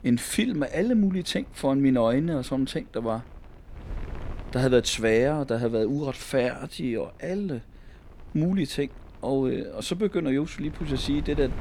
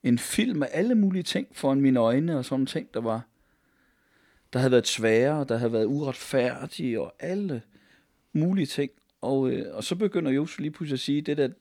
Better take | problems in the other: second | wind noise on the microphone; occasional gusts; 20 dB below the speech

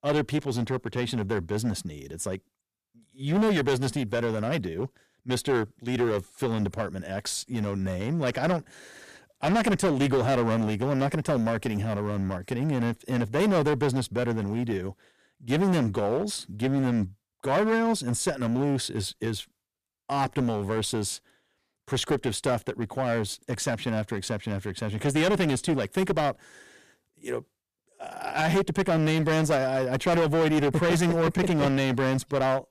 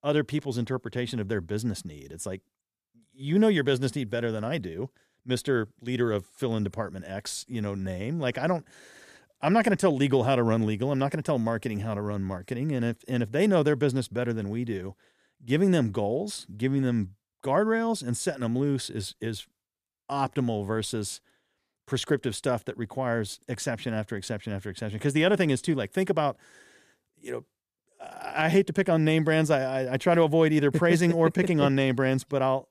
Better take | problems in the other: second | distortion; heavy; 11% of the sound clipped

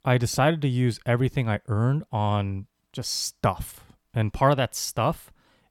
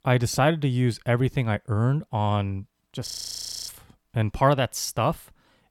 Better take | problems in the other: first | audio freezing; at 3 s for 0.5 s

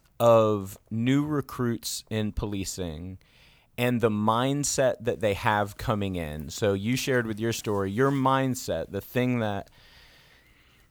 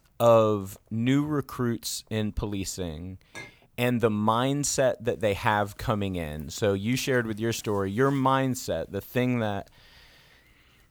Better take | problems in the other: first | clattering dishes; faint; at 3.5 s; peak 15 dB below the speech

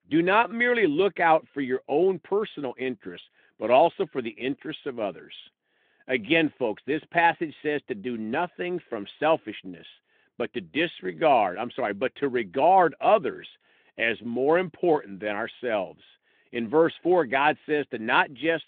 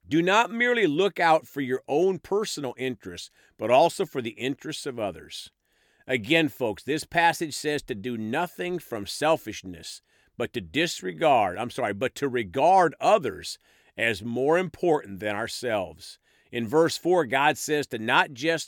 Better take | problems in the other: second | phone-call audio

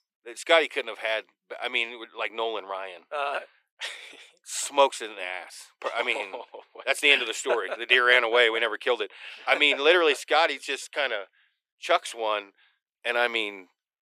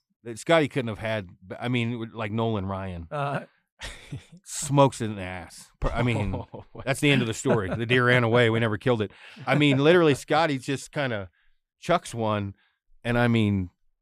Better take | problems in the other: second | thin; very; fading below 400 Hz

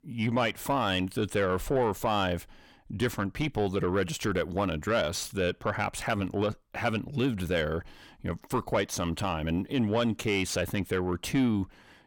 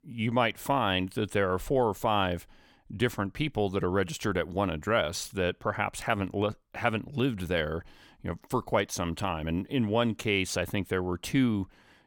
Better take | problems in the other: second | distortion; slight; 10 dB below the speech

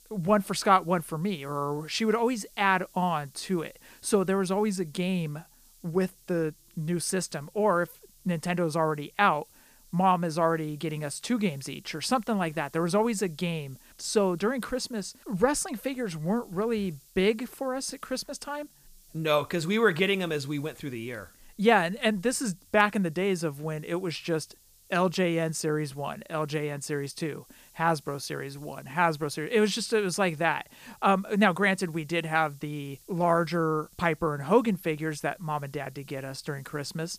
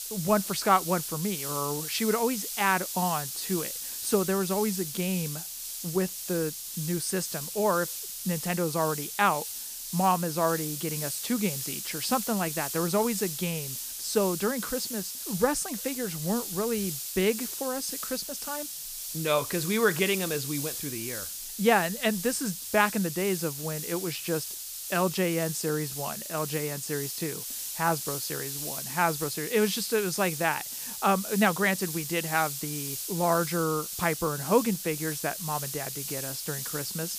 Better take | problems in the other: first | hiss; loud; throughout; 4 dB below the speech; faint in the first

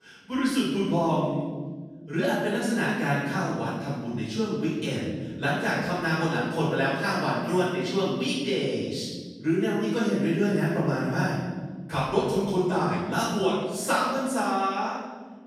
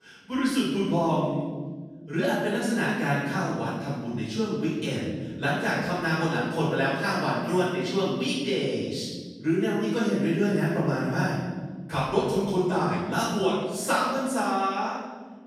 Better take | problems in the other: neither | off-mic speech; far; the same in both // room echo; strong; dies away in 1.8 s; the same in both

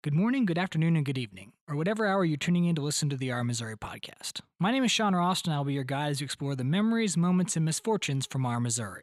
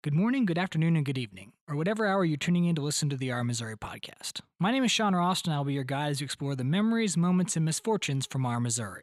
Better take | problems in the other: neither | none

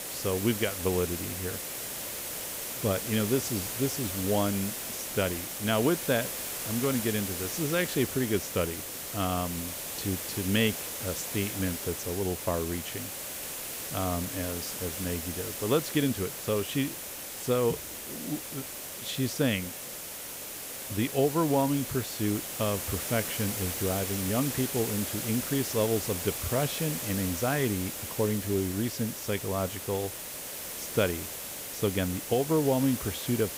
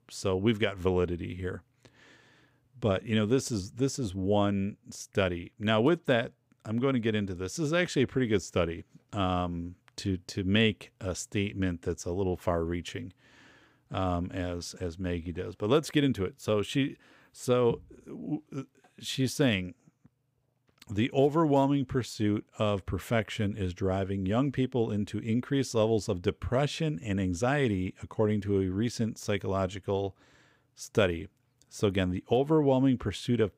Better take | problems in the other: second | hiss; loud; throughout; 4 dB below the speech

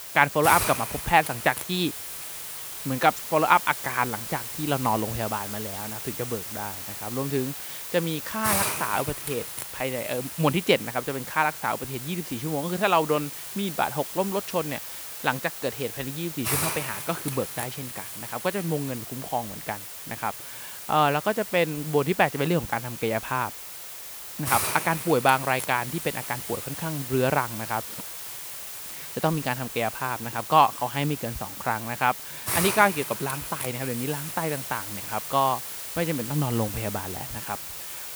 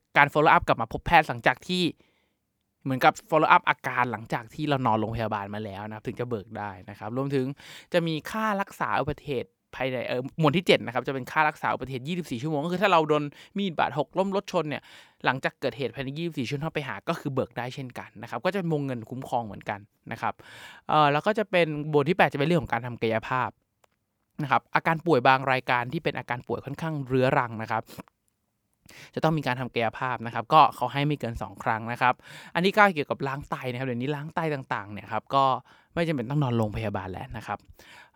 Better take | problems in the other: second | hiss; loud; throughout; 6 dB below the speech

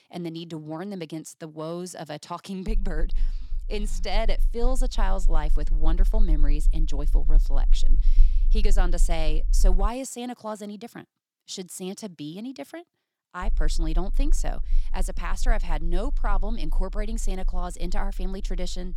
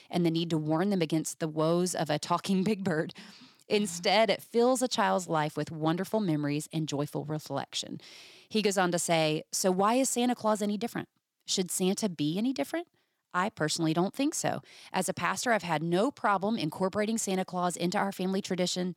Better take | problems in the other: second | low rumble; faint; from 2.5 to 10 s and from 13 s on; 20 dB below the speech

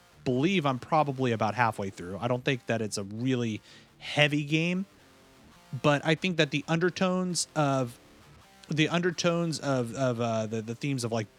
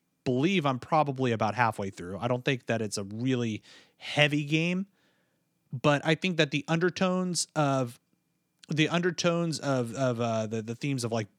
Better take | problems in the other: second | background music; faint; throughout; 30 dB below the speech

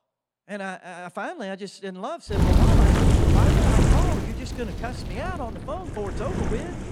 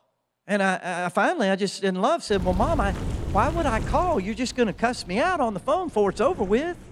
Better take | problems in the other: second | wind noise on the microphone; heavy; from 2.5 s on; 5 dB above the speech; occasional gusts in the second

